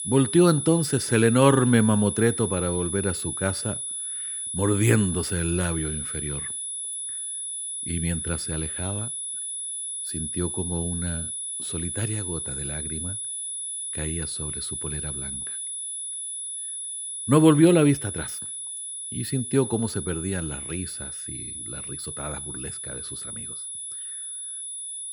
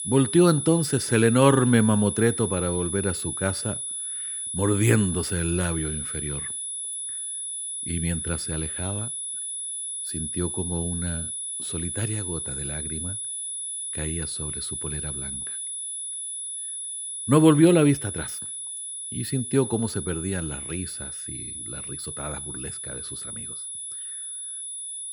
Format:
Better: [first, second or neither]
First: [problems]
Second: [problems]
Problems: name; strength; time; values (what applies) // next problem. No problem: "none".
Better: neither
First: high-pitched whine; loud; throughout; 10 kHz, 5 dB below the speech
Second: high-pitched whine; loud; throughout; 10 kHz, 5 dB below the speech